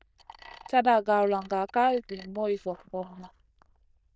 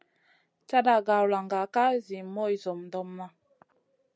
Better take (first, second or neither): second